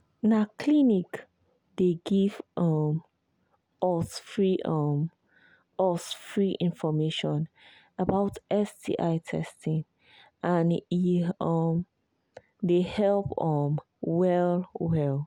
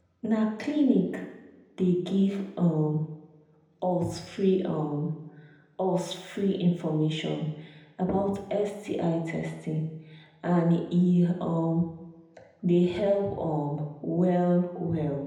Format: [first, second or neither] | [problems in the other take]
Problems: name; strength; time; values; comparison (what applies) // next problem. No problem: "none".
first | room echo; dies away in 0.8 s